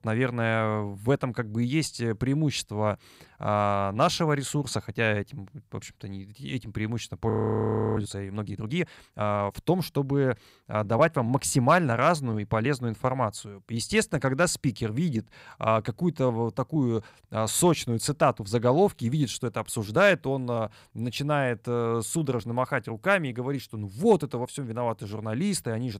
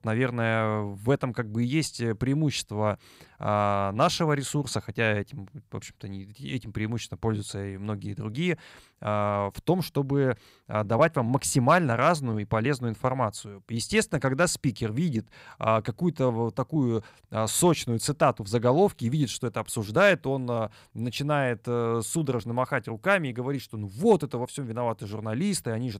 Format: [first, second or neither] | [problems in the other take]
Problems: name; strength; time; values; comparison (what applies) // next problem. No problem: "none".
second | audio freezing; at 7.5 s for 0.5 s